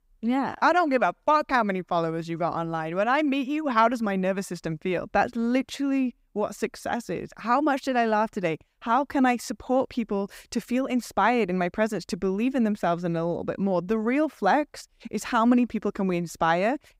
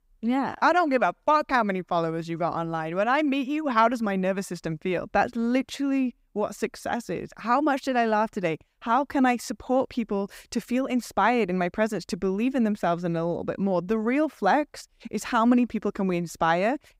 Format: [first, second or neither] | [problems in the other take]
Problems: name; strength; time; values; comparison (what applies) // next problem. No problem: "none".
neither | none